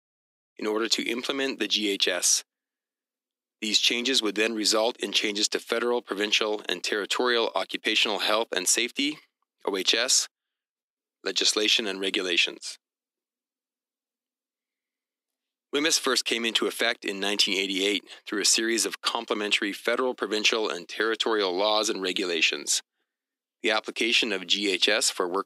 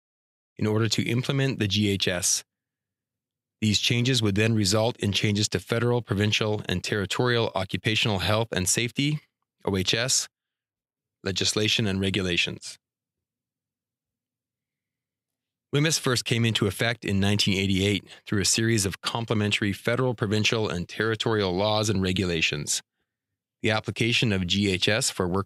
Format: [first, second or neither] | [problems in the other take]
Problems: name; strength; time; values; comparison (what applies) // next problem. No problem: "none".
second | thin; somewhat; fading below 250 Hz